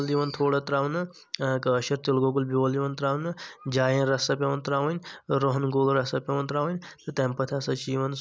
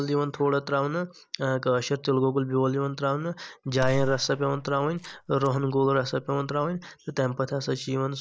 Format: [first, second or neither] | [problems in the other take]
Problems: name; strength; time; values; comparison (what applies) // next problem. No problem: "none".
first | noise reduction (neural mask model DeepFilterNet 3)